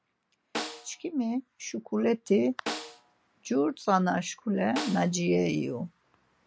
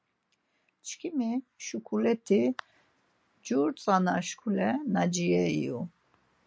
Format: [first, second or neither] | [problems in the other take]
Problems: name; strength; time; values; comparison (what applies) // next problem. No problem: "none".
second | background sound (Snare drum); 12 dB below the speech